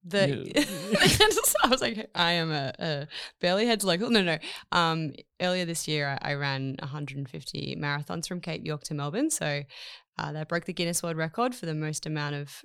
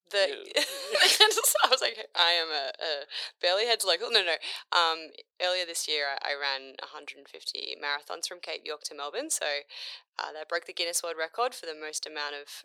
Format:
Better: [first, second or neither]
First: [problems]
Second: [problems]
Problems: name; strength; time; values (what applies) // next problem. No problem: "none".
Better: first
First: none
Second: thin; very; fading below 450 Hz